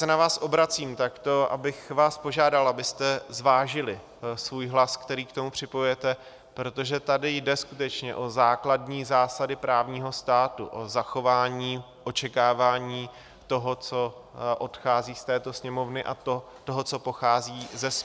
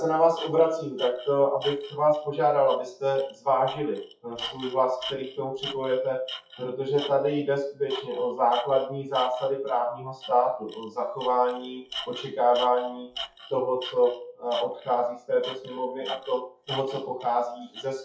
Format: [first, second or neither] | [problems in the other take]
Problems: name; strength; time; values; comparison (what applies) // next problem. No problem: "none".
first | noise reduction (classical method WPE with log-MMSE)